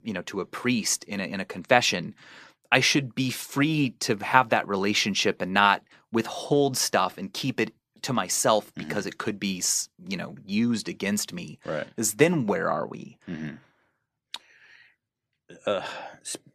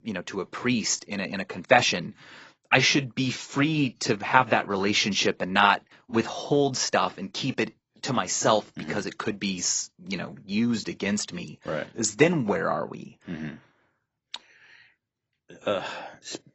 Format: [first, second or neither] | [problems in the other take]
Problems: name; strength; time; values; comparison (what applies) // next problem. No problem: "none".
first | garbled, watery; badly; nothing above 7.5 kHz